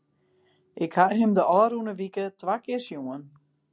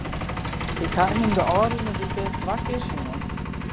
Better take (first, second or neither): first